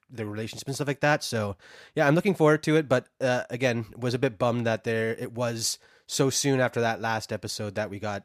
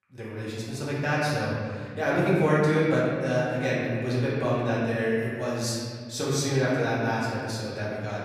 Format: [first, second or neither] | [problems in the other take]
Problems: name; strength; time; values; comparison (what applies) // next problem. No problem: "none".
first | room echo; strong; dies away in 2.4 s // off-mic speech; far